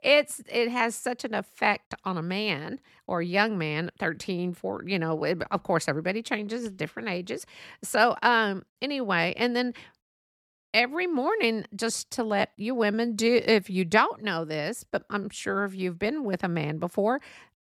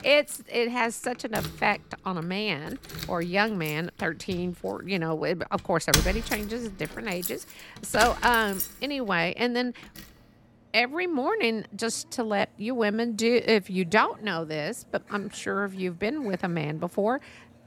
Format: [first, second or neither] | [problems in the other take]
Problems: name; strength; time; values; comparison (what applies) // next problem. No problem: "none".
first | household noises; loud; throughout; 6 dB below the speech